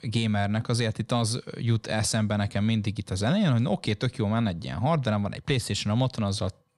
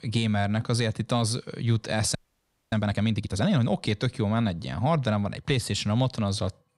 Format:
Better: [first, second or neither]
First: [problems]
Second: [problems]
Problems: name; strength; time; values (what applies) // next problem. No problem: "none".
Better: first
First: none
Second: audio freezing; at 2 s for 0.5 s